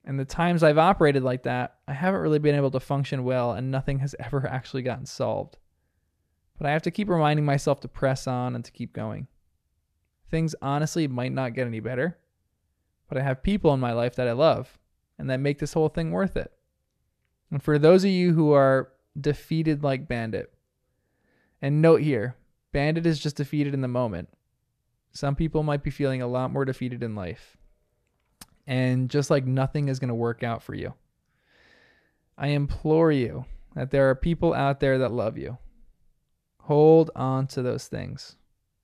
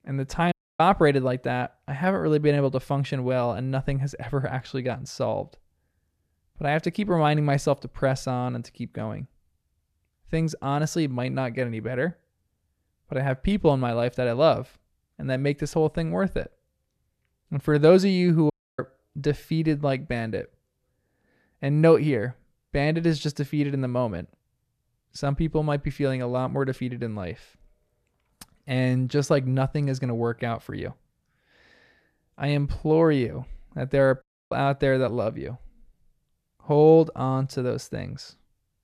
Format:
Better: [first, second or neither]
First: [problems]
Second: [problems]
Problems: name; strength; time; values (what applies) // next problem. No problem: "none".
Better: first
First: none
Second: audio cutting out; at 0.5 s, at 19 s and at 34 s